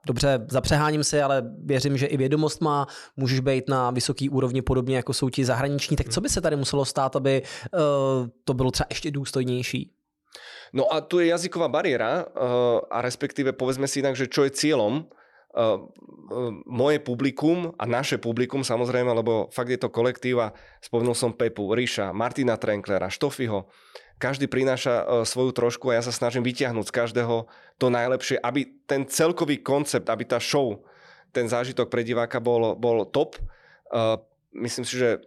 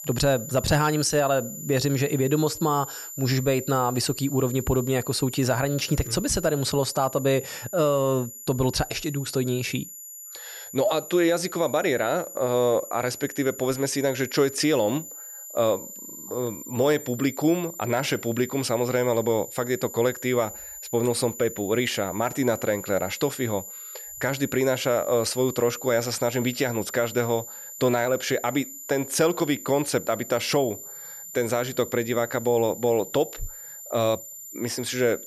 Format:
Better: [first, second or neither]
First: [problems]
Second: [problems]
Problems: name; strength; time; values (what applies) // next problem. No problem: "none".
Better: first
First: none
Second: high-pitched whine; noticeable; throughout; 7 kHz, 10 dB below the speech